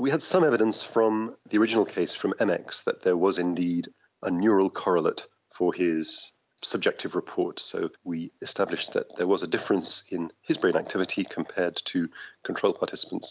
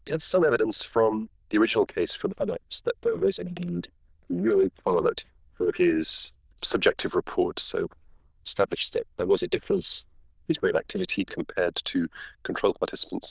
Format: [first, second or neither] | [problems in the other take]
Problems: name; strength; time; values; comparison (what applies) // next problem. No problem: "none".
first | noise reduction (neural diffusion model UNIVERSE++)